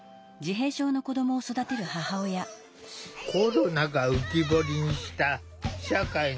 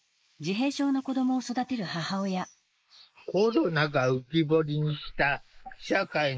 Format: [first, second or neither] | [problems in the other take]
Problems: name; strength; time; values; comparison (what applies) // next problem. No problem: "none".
first | noise reduction (neural mask model Resemble Enhance denoiser)